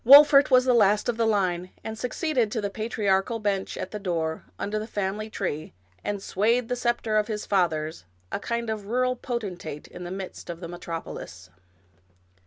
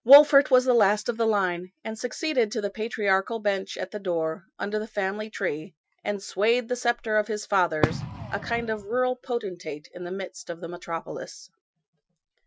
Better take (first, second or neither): first